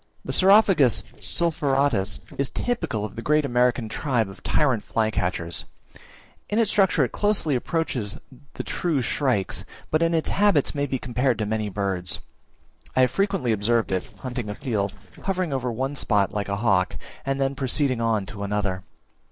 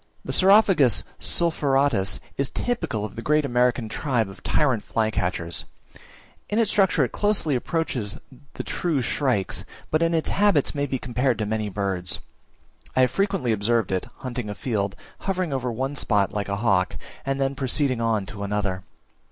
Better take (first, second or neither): second